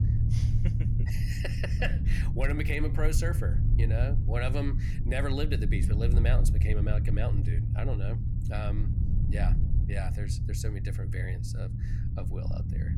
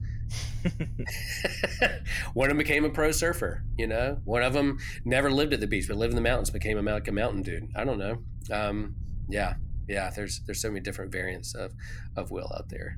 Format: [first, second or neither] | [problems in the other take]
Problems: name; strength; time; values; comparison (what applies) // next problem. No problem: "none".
second | low rumble; loud; throughout; 5 dB below the speech; faint in the second